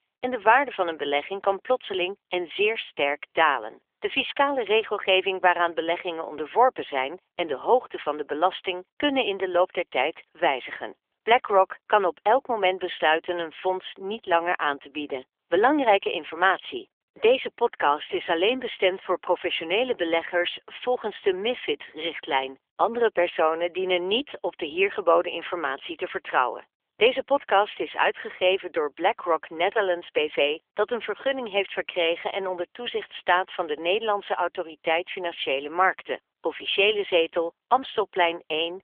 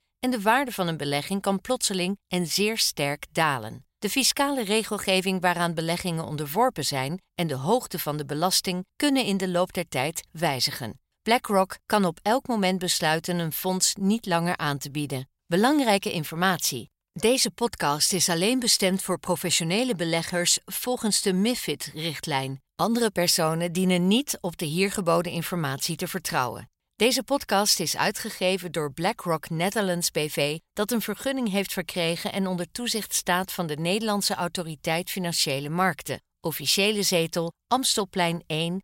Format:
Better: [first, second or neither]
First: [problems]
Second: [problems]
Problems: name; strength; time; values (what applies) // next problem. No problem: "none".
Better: second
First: phone-call audio; nothing above 3.5 kHz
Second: none